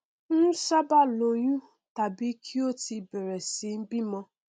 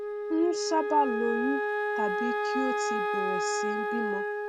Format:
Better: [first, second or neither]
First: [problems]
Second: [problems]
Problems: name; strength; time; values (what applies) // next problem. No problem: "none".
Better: first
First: none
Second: background sound (Wind instrument, woodwind instrument); 2 dB above the speech